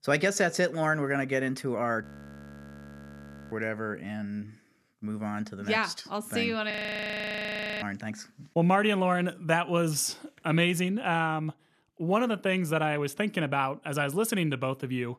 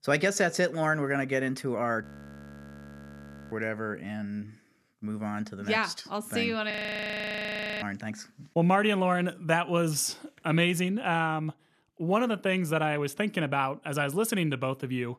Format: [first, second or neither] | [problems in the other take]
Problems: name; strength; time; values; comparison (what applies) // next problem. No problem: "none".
neither | audio freezing; at 2 s for 1.5 s and at 6.5 s for 1 s; the same in both